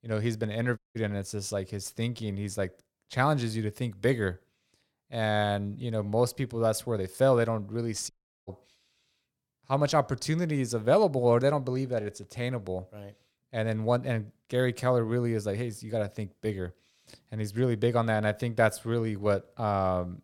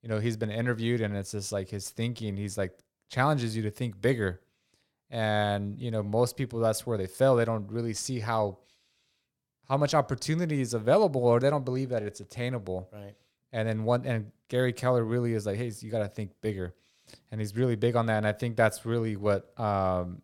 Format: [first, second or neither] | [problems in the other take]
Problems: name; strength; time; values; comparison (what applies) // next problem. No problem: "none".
second | audio cutting out; at 1 s and at 8 s